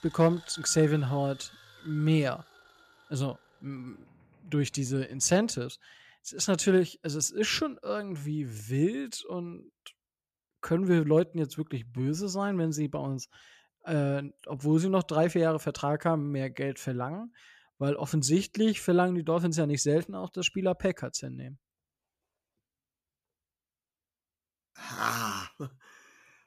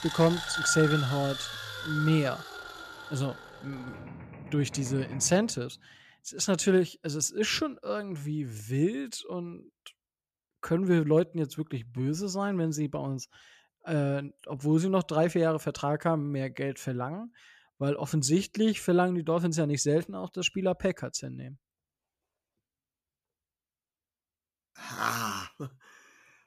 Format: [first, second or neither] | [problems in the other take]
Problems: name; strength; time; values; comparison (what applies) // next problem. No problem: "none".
first | machinery noise; loud; until 5.5 s; 8 dB below the speech; faint in the first